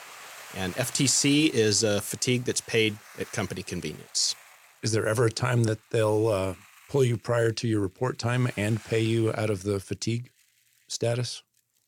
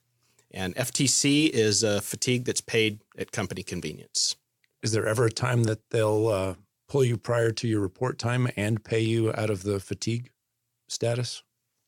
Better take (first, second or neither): second